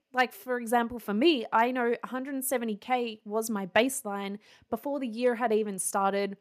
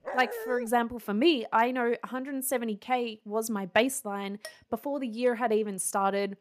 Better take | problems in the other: first | dog barking; noticeable; at the start; peak 7 dB below the speech // clattering dishes; faint; at 4.5 s; peak 15 dB below the speech

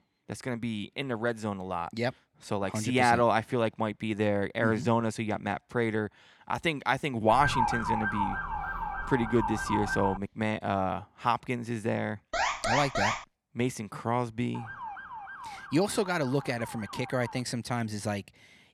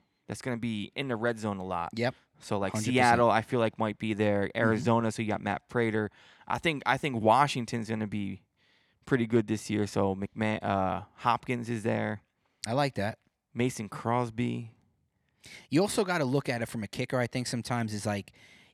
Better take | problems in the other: second | siren; loud; from 7.5 to 10 s; peak 2 dB above the speech // alarm; loud; at 12 s; peak 2 dB above the speech // siren; faint; from 15 to 17 s; peak 10 dB below the speech

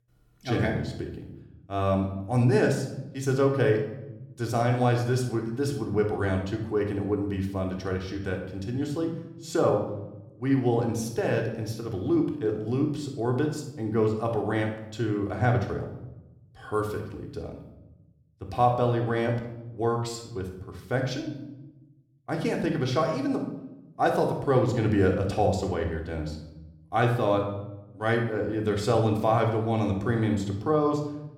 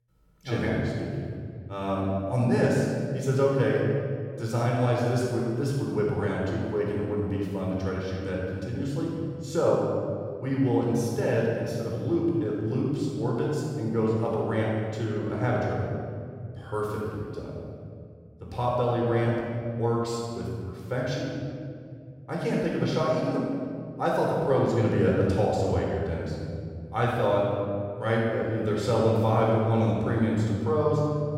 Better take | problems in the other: first | room echo; strong; dies away in 2.2 s; slight in the first // off-mic speech; far; somewhat distant in the first

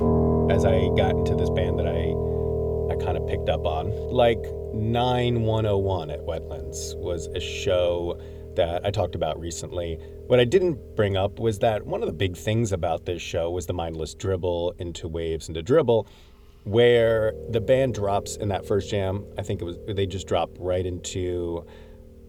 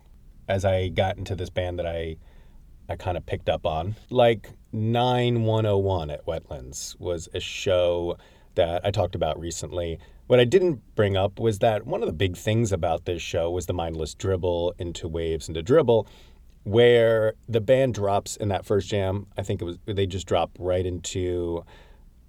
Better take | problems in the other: second | background music; loud; throughout; 4 dB below the speech

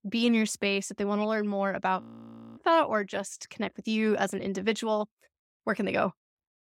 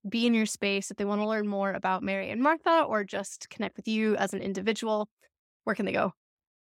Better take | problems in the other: second | audio freezing; at 2 s for 0.5 s

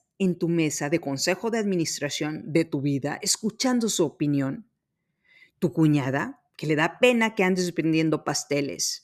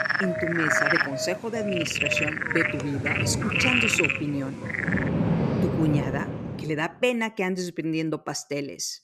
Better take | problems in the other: first | animal sounds; very loud; until 6.5 s; 4 dB above the speech

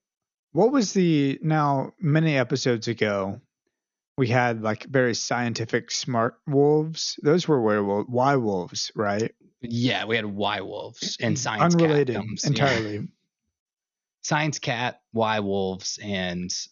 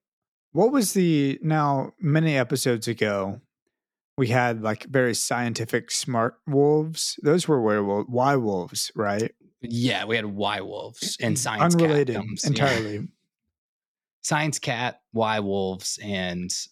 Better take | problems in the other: second | garbled, watery; slightly; nothing above 6.5 kHz

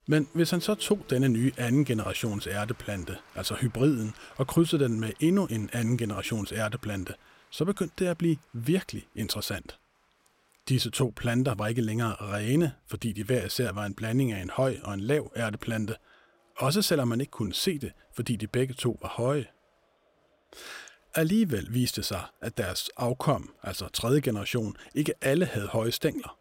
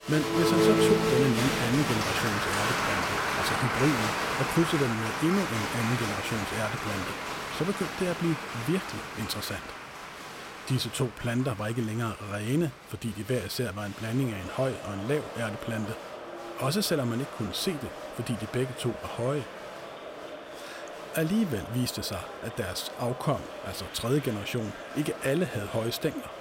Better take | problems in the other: first | crowd noise; loud; throughout; 1 dB below the speech; faint in the first

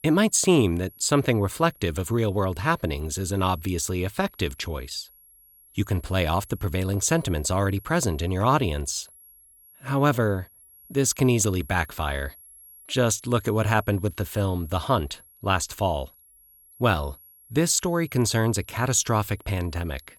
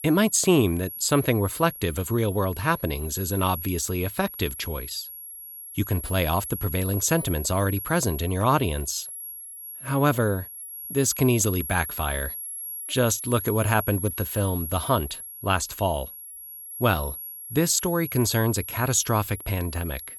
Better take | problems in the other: first | high-pitched whine; loud; throughout; 11.5 kHz, 9 dB below the speech; faint in the first

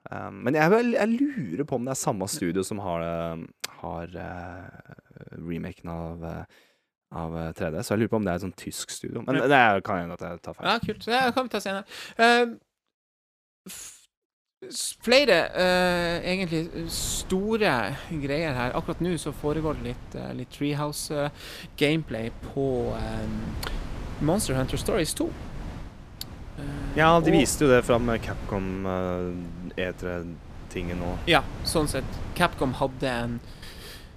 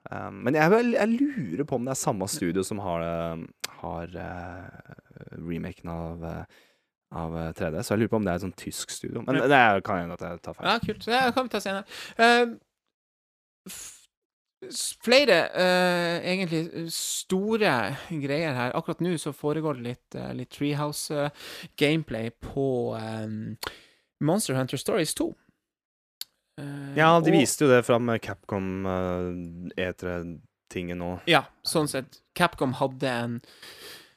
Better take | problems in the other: second | wind noise on the microphone; occasional gusts; from 15 s on; 20 dB below the speech

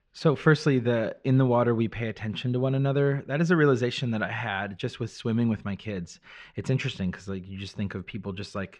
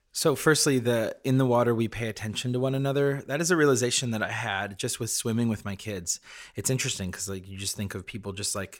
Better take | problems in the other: second | muffled; slightly; fading above 3.5 kHz

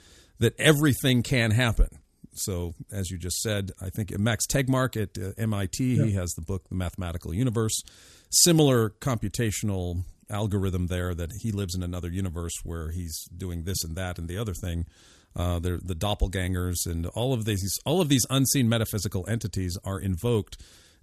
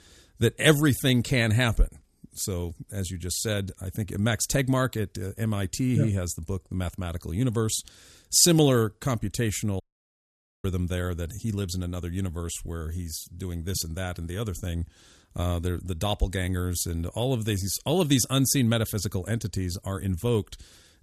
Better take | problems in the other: first | audio cutting out; at 10 s for 1 s

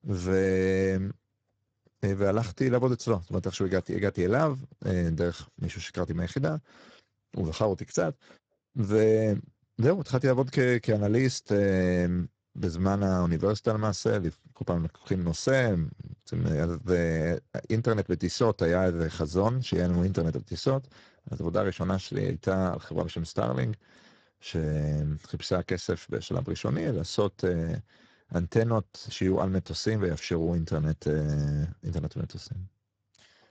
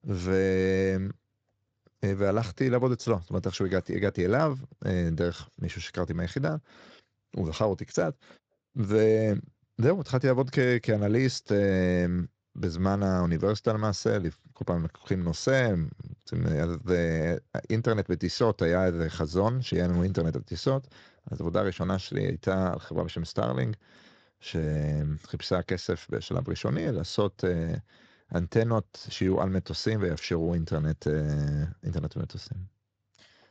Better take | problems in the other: second | garbled, watery; badly; nothing above 7.5 kHz; slightly in the second

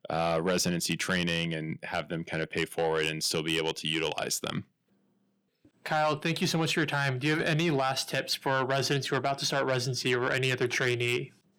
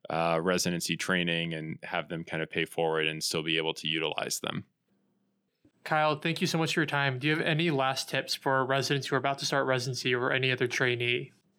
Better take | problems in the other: second | distortion; slight; 10 dB below the speech

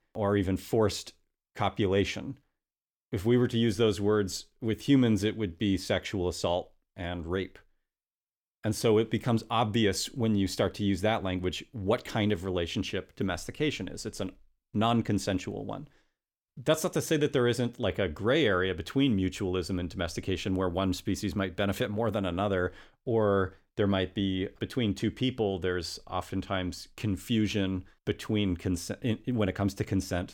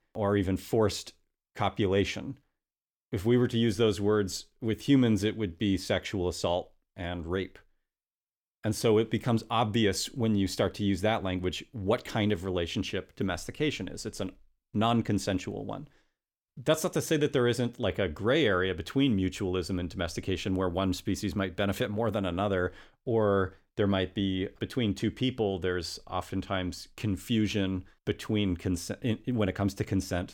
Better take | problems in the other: neither | none

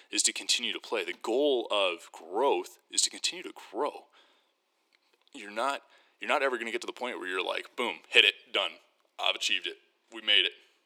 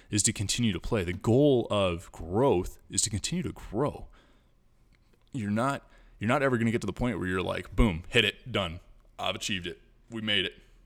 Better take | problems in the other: second | thin; very; fading below 350 Hz

